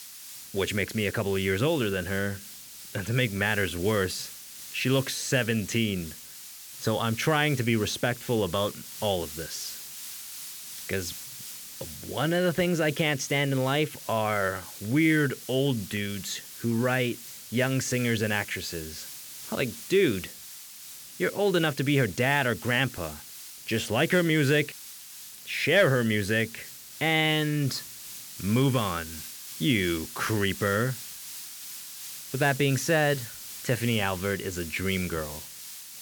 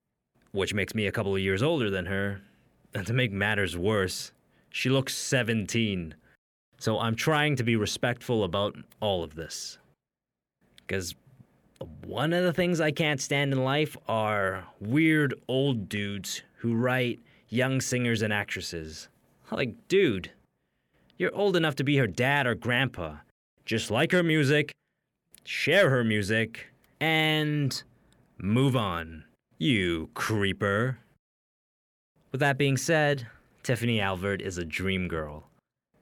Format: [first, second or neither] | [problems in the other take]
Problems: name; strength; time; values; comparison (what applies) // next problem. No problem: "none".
second | hiss; noticeable; throughout; 10 dB below the speech